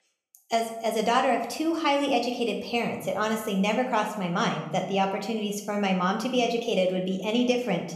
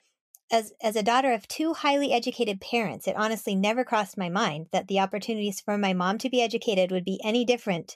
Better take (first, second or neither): second